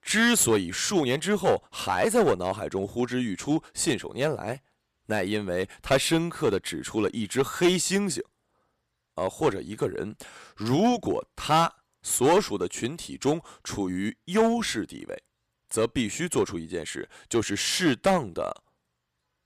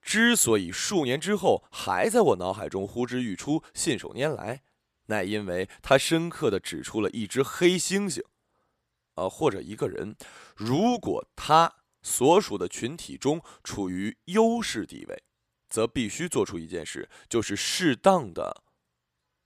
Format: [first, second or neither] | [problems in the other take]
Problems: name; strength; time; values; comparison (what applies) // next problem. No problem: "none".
second | distortion; slight; 3% of the sound clipped